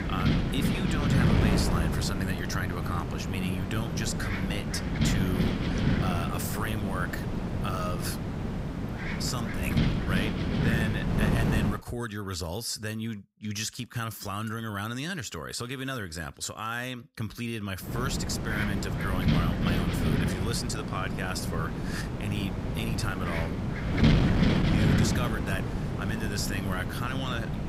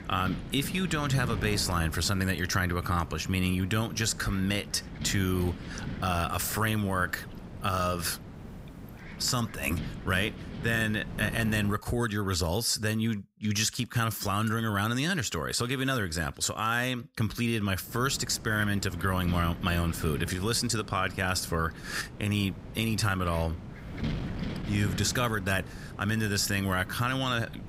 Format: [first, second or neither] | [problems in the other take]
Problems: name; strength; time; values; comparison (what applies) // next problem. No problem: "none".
second | wind noise on the microphone; heavy; until 12 s and from 18 s on; as loud as the speech; occasional gusts in the second